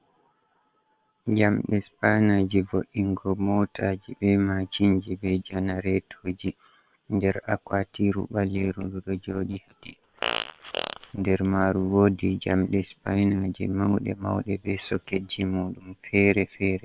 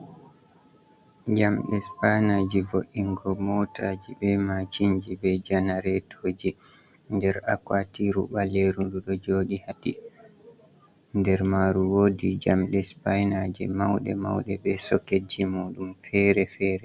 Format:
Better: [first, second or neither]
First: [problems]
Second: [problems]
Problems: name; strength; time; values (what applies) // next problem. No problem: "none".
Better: second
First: noise reduction (neural separator model SepFormer WHAM!)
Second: none